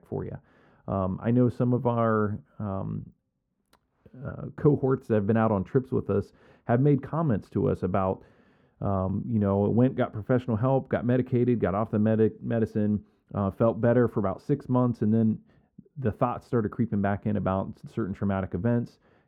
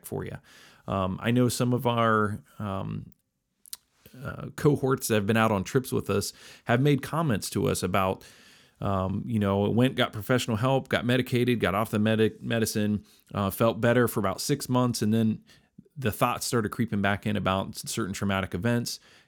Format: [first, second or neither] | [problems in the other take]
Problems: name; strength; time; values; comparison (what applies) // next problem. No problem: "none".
second | muffled; very; fading above 2.5 kHz